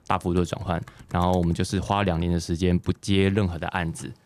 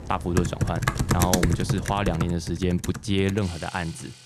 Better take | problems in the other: first | household noises; loud; throughout; 1 dB below the speech; faint in the first

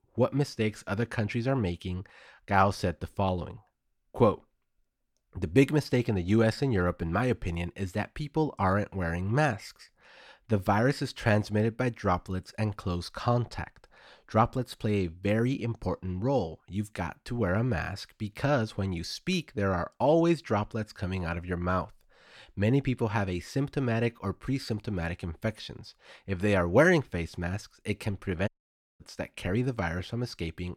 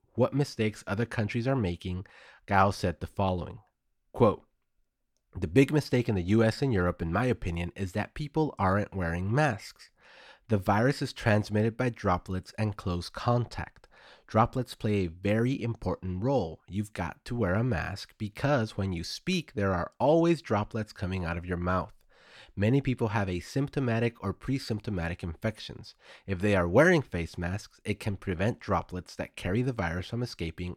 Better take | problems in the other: second | audio cutting out; at 28 s for 0.5 s

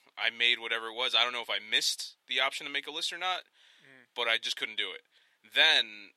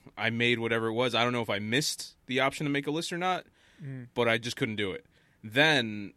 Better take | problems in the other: second | thin; very; fading below 700 Hz

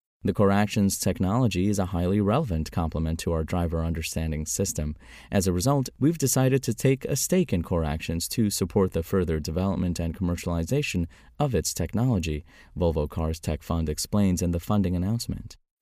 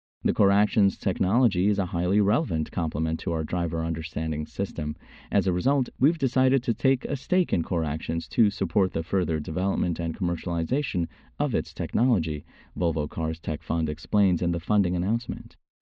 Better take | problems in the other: first | muffled; slightly; fading above 4 kHz

